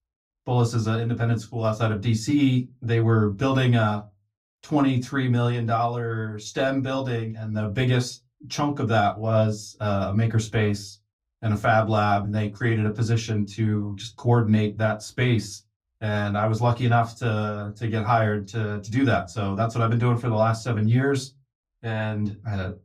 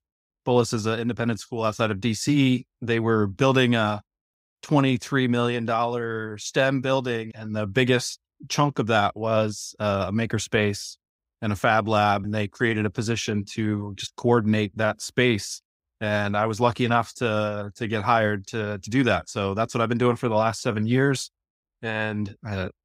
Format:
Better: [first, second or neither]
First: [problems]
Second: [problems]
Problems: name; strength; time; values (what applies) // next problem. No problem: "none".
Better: second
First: off-mic speech; far // room echo; very slight; dies away in 0.2 s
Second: none